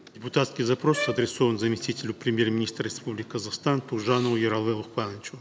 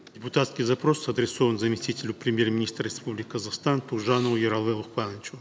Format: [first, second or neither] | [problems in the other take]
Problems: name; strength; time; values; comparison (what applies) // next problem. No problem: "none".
second | background sound (Bowed string instrument); 10 dB below the speech